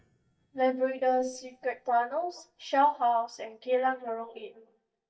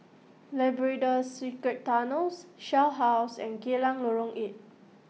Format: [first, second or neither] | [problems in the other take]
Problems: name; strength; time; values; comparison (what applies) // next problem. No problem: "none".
second | noise reduction (neural mask model DeepFilterNet 3)